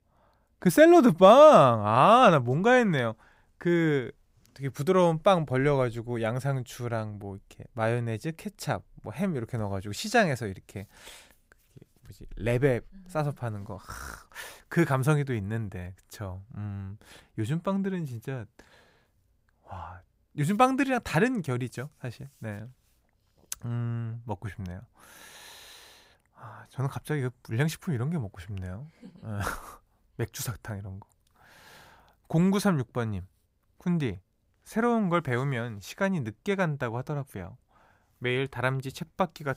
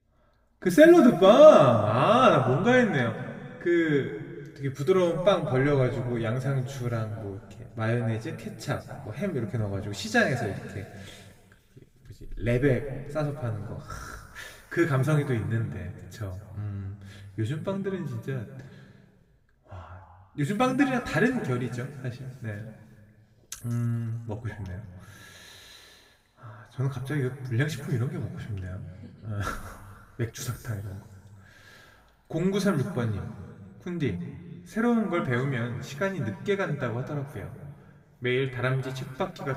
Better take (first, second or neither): first